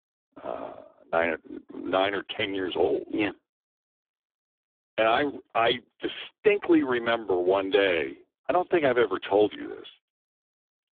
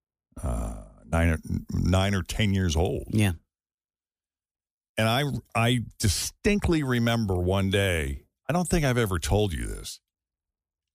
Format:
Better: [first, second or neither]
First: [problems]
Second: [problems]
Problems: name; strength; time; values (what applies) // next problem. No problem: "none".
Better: second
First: phone-call audio; poor line; nothing above 3.5 kHz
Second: none